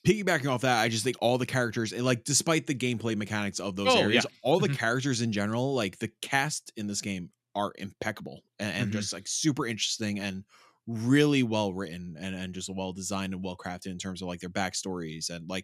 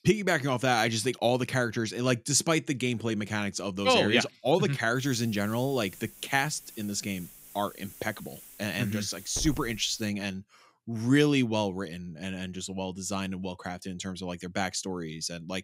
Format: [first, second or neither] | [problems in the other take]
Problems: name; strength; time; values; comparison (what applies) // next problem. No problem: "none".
first | hiss; noticeable; from 5 to 10 s; 15 dB below the speech